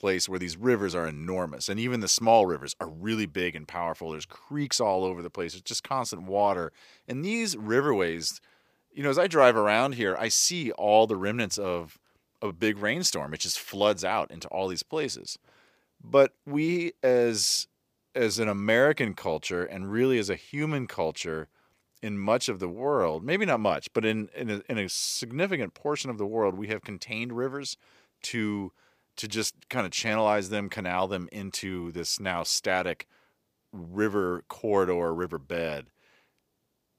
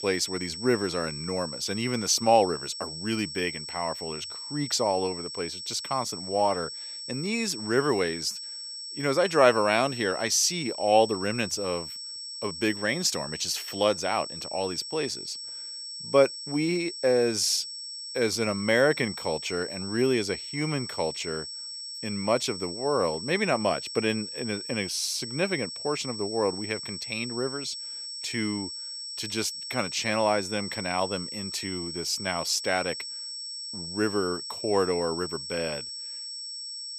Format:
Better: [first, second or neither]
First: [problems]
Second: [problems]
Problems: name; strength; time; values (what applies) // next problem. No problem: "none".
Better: first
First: none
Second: high-pitched whine; loud; throughout; 5.5 kHz, 7 dB below the speech